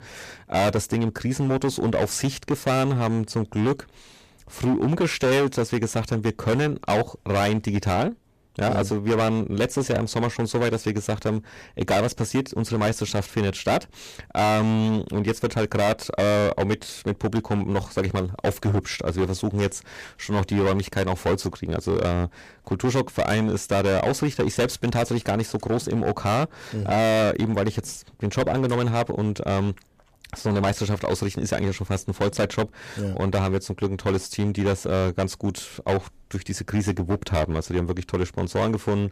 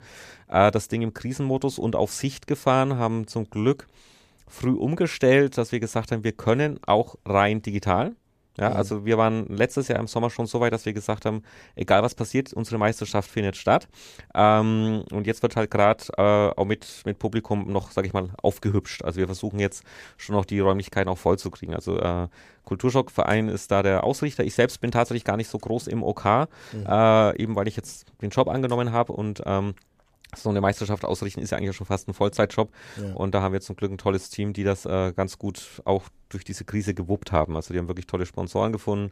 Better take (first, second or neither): second